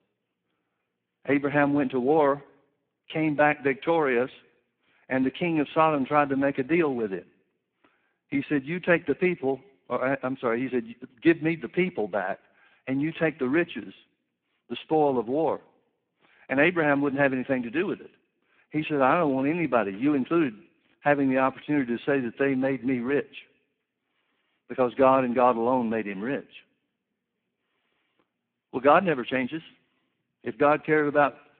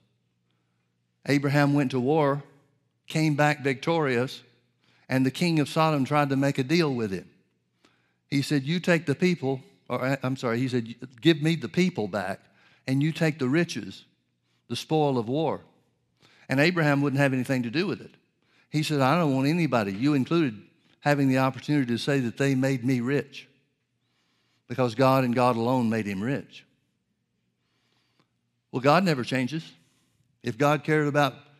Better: second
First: phone-call audio; poor line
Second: none

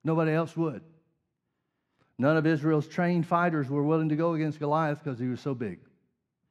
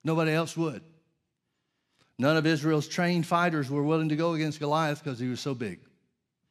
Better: second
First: muffled; slightly; fading above 2.5 kHz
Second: none

